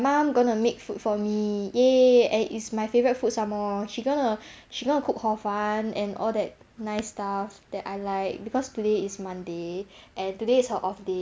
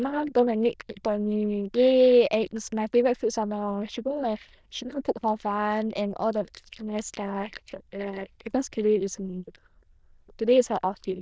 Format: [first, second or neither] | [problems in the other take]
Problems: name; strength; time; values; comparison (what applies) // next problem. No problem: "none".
first | noise reduction (neural diffusion model UNIVERSE++)